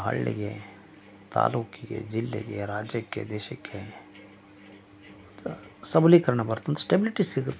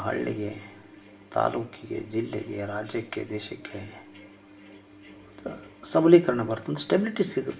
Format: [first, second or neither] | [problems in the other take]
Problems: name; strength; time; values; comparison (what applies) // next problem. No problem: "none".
first | room echo; dies away in 0.6 s